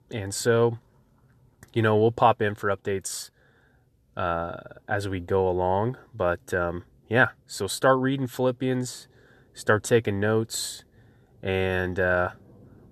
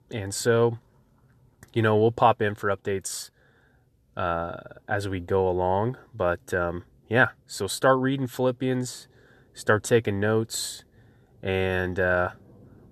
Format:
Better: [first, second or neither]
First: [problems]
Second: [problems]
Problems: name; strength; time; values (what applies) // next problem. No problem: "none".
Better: neither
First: none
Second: none